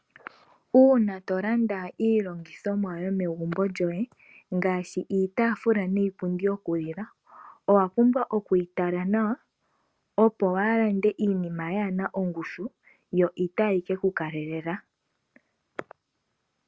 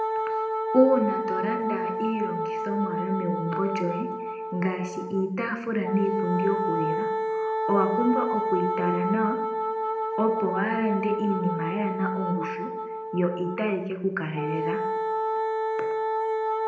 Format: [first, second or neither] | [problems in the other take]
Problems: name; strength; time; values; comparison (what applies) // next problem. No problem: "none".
first | background sound (Wind instrument, woodwind instrument); 1 dB below the speech // room echo; dies away in 0.7 s